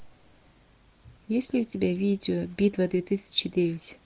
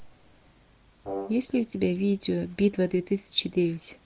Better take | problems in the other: first | background sound (Brass instrument); 10 dB below the speech

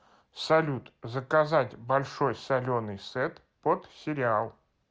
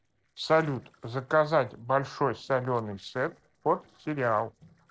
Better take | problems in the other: first | noise reduction (neural separator model SepFormer DNS4)

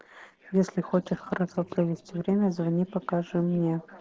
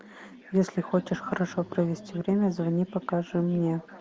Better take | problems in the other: second | noise reduction (neural separator model SepFormer DNS4)

